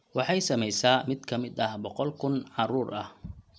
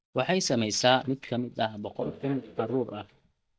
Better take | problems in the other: first | noise reduction (neural mask model DeepFilterNet 3)

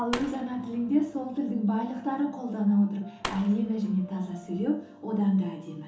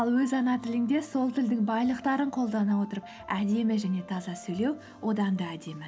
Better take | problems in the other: second | background sound (Fireworks); 13 dB below the speech // room echo; dies away in 1.2 s

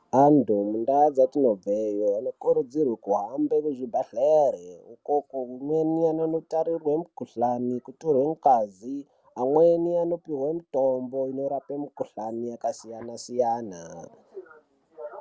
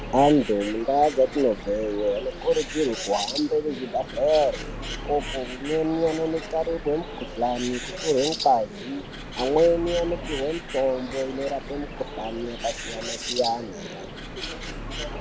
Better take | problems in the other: first | background sound (Bird); 9 dB below the speech

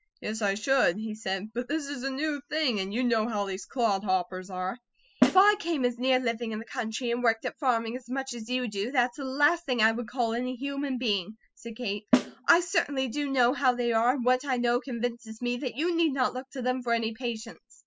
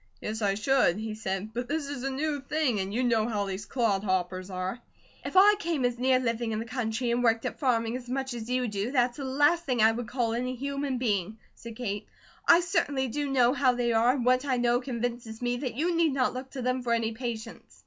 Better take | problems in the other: second | noise reduction (classical method spectral subtraction)

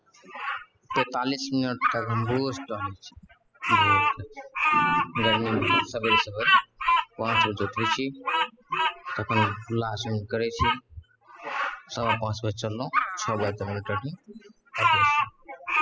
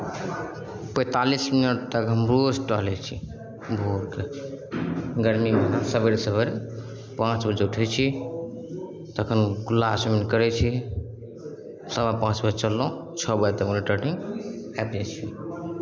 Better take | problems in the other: second | noise reduction (classical method spectral subtraction)

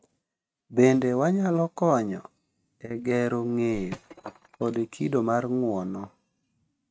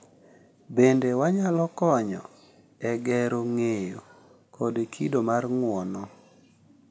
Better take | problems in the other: second | noise reduction (neural mask model RNNoise)

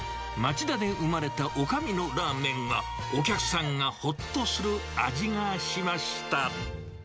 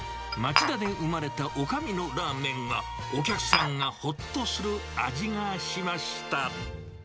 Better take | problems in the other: first | background sound (Glass); 1 dB below the speech

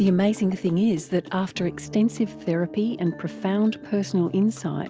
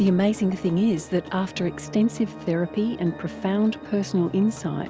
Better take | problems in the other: first | background sound (Organ); 19 dB below the speech

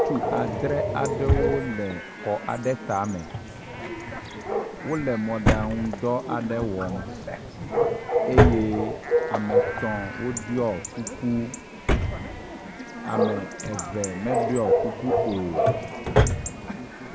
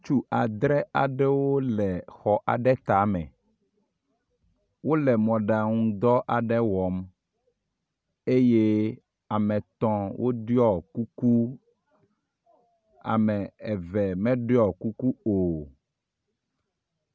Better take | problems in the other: second | background sound (Drawer open or close + Bark / Chatter / Chirp, tweet / Livestock, farm animals, working animals); 3 dB above the speech

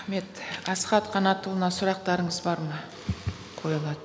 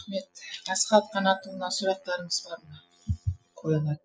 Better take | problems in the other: first | noise reduction (classical method Wiener filter)

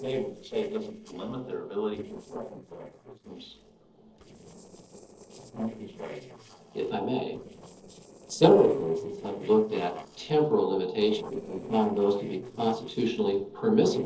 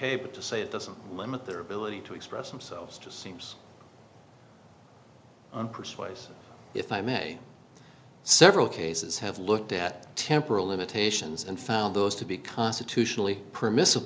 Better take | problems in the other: second | noise reduction (neural separator model SepFormer DNS4)

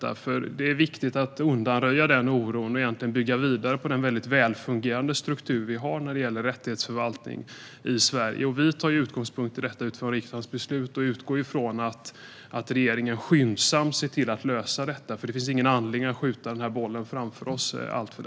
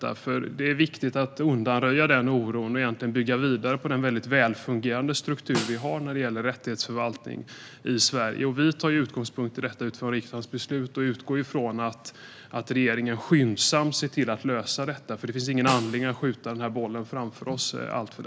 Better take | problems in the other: first | background sound (Snare drum); 11 dB below the speech

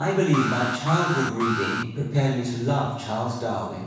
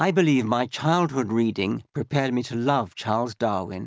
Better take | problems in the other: second | background sound (Alarm); 5 dB below the speech // room echo; dies away in 1.1 s

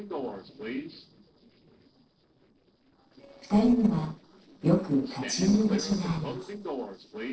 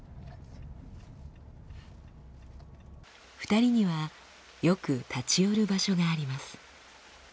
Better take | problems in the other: second | noise reduction (neural separator model SepFormer DNS4)

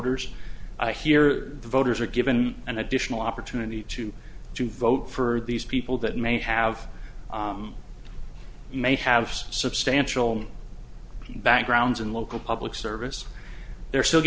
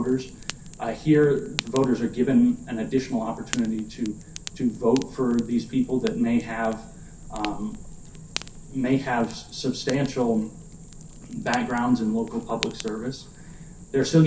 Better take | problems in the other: first | background sound (Fire); 16 dB below the speech // room echo; dies away in 0.3 s

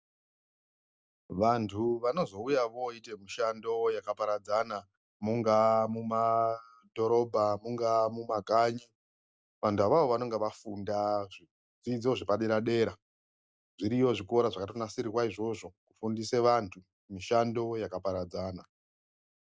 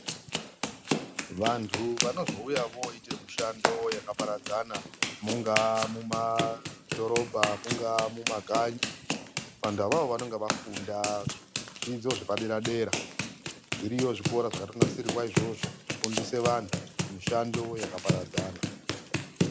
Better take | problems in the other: first | background sound (Run); 1 dB below the speech

